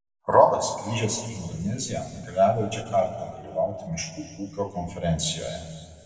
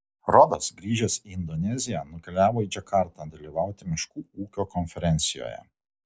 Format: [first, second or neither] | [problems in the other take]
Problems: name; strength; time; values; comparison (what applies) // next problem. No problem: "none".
second | room echo; dies away in 2 s